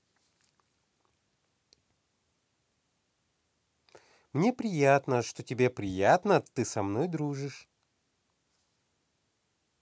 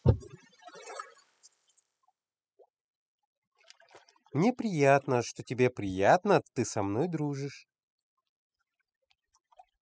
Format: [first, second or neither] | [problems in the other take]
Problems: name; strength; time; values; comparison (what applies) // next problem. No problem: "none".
first | noise reduction (classical method spectral subtraction)